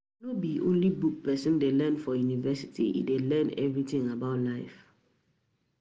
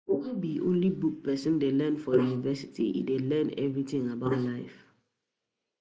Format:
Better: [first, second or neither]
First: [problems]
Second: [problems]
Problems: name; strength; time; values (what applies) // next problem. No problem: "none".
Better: first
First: none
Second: noise reduction (neural mask model Resemble Enhance denoiser)